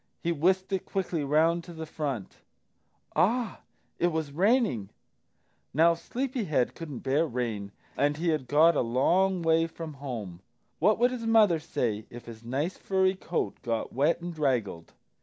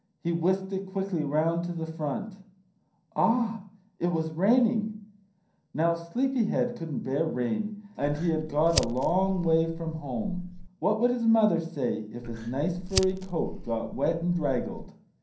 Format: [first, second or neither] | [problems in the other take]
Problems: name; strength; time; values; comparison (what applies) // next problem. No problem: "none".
first | background sound (Fire); 9 dB below the speech // room echo; dies away in 0.6 s